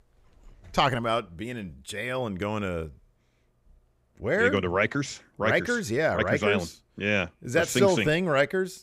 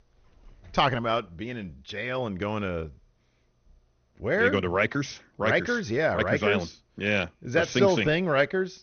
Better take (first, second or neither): first